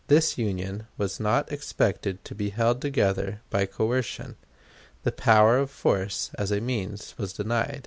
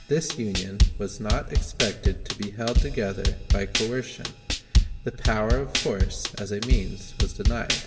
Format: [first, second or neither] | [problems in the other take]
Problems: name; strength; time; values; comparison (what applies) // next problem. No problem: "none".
first | background sound (Drum kit); 5 dB above the speech // room echo; dies away in 1.8 s